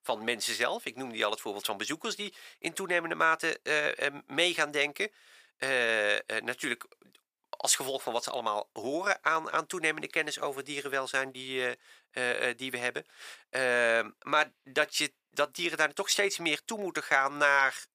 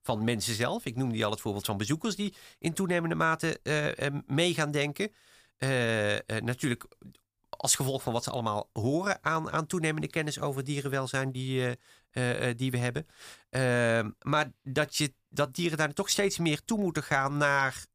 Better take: second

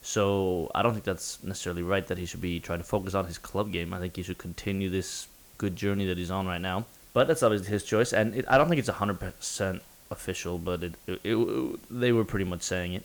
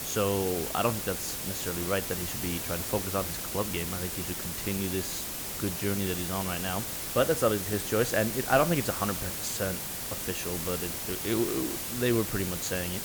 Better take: first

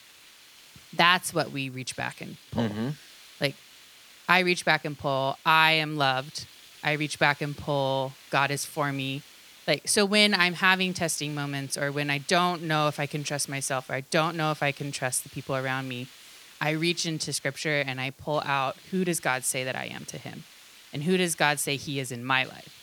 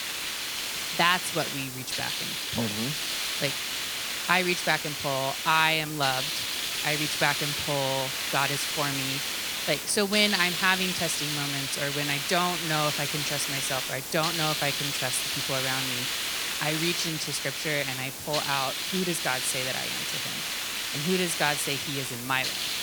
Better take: first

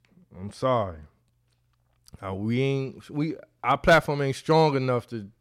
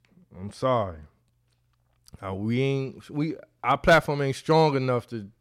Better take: neither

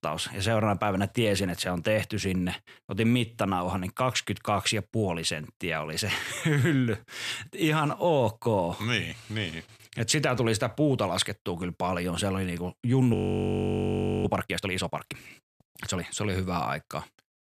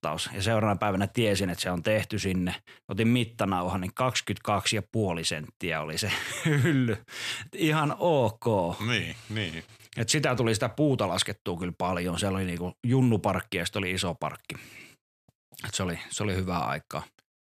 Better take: second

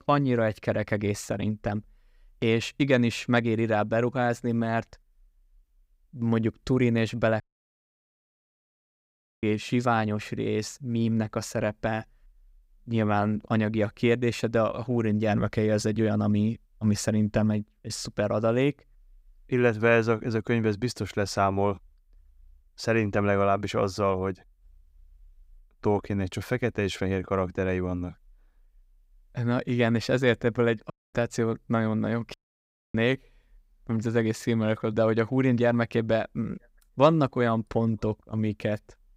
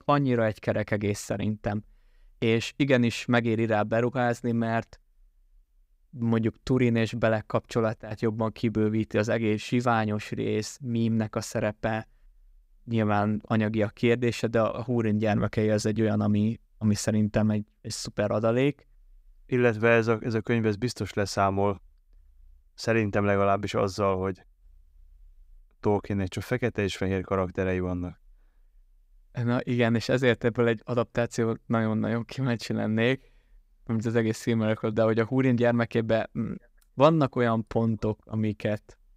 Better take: second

